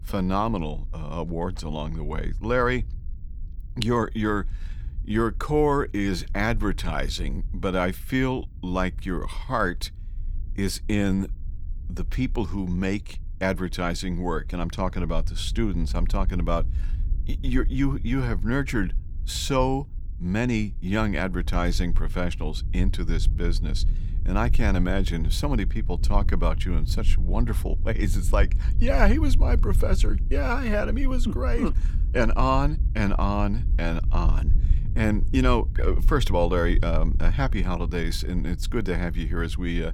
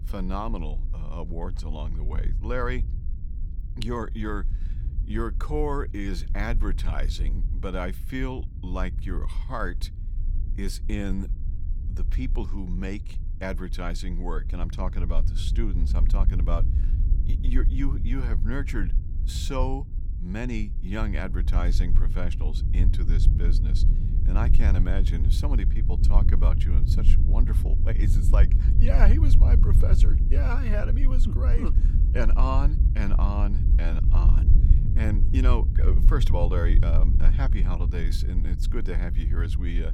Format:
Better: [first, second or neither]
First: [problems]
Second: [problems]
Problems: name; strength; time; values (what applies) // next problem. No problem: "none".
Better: first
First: low rumble; faint; throughout; 20 dB below the speech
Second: low rumble; loud; throughout; 9 dB below the speech